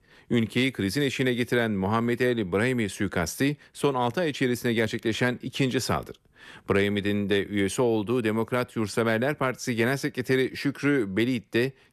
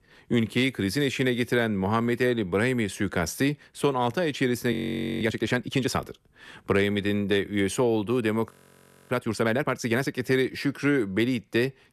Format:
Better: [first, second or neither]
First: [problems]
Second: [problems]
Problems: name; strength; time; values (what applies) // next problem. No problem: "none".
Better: first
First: none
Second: audio freezing; at 4.5 s and at 8.5 s for 0.5 s